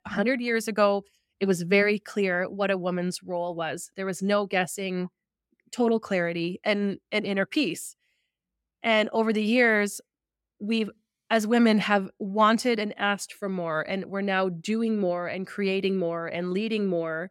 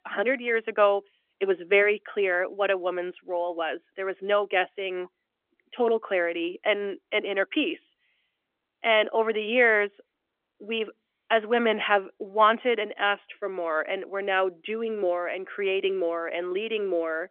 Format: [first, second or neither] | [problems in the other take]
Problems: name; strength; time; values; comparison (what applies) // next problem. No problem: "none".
first | phone-call audio; nothing above 3.5 kHz